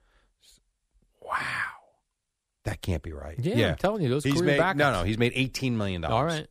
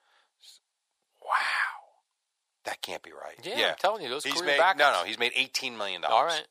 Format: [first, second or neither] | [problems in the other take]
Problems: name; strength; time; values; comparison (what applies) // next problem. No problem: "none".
first | thin; very; fading below 750 Hz